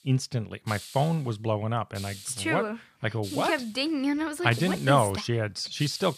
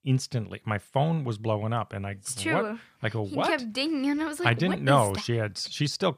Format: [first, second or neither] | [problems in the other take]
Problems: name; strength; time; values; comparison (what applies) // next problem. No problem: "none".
second | hiss; noticeable; throughout; 15 dB below the speech